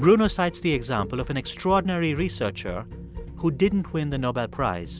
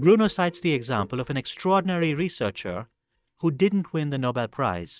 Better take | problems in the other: first | noise reduction (neural mask model DeepFilterNet 3)

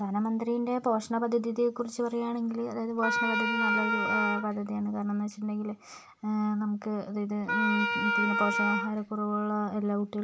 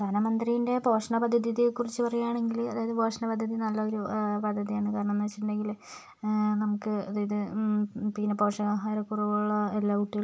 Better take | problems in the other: second | background sound (Wind instrument, woodwind instrument); 1 dB above the speech

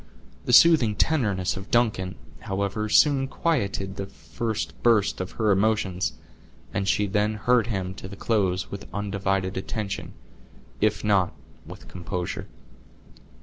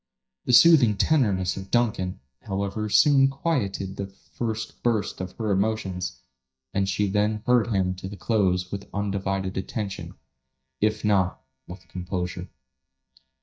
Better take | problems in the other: first | noise reduction (neural mask model DeepFilterNet 3)

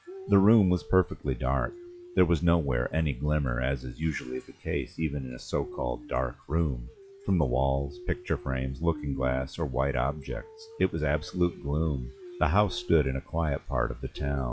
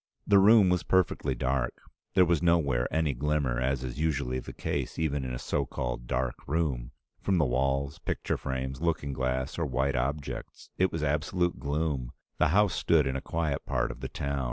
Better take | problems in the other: second | noise reduction (classical method log-MMSE)

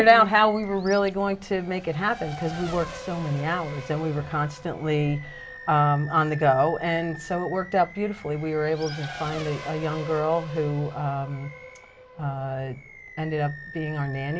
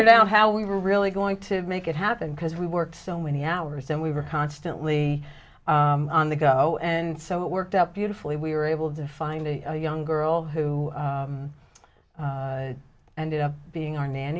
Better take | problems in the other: second | background sound (Animal + Race car, auto racing / Accelerating, revving, vroom); 15 dB below the speech

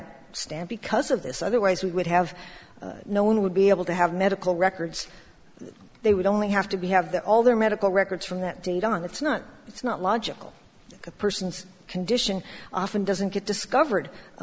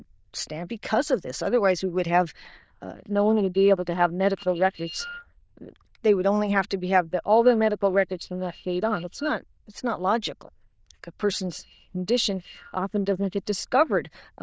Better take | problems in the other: first | noise reduction (neural diffusion model UNIVERSE++)

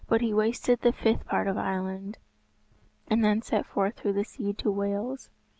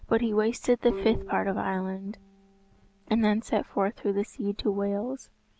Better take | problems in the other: first | background sound (Bowed string instrument); 18 dB below the speech

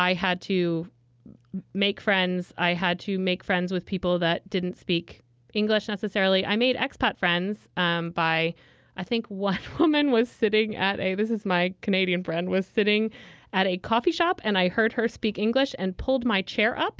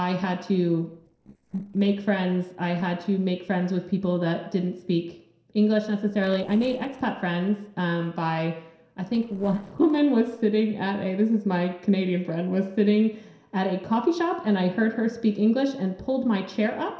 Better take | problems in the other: first | noise reduction (neural separator model SepFormer DNS4)

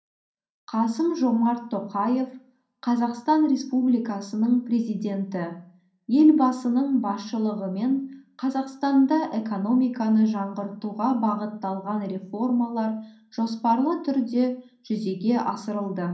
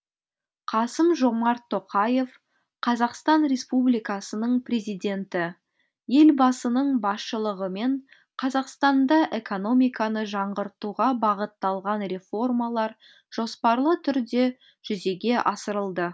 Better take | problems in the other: second | room echo; dies away in 0.6 s

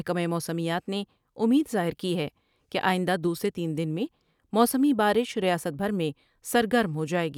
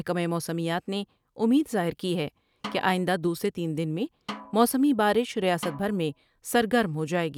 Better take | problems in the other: first | background sound (Snare drum); 17 dB below the speech

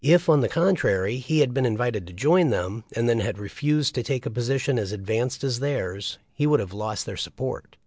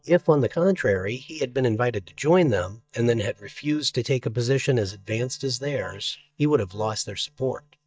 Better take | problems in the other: first | noise reduction (neural mask model DeepFilterNet 3)

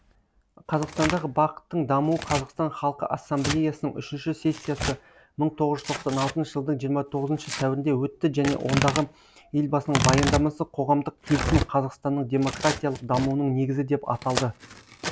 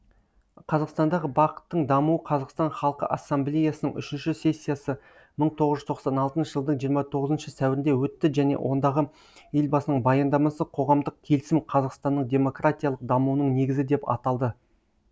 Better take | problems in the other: second | background sound (Tearing); 7 dB below the speech

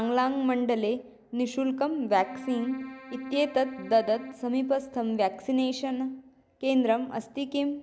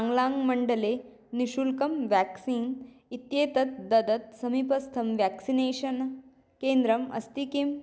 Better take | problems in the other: second | background sound (Keyboard (musical)); 15 dB below the speech

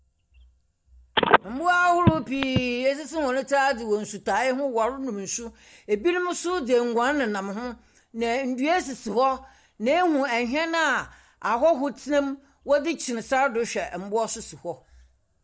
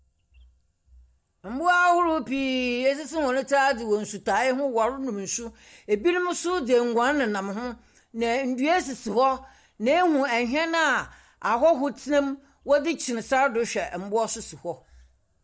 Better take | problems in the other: second | background sound (Telephone); 2 dB above the speech

